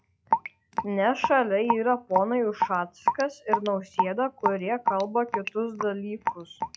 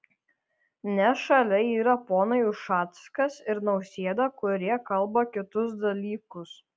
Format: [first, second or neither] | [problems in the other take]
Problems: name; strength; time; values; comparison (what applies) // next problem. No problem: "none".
second | noise reduction (classical method log-MMSE)